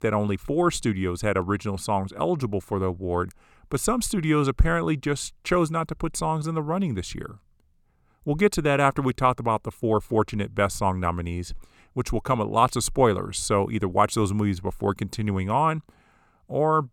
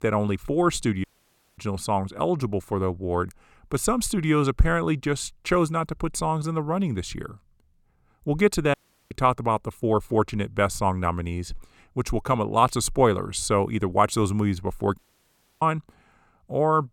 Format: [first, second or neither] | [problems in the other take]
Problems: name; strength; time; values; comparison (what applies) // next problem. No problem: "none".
first | audio cutting out; at 1 s for 0.5 s, at 8.5 s and at 15 s for 0.5 s